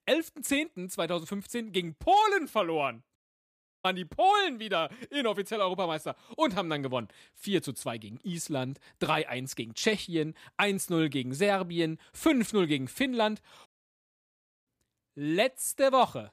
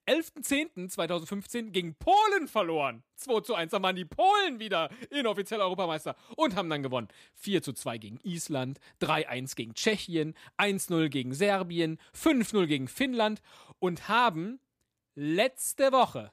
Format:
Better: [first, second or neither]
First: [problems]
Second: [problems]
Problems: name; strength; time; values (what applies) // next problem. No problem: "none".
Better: second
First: audio cutting out; at 3 s for 0.5 s and at 14 s for 1 s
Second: none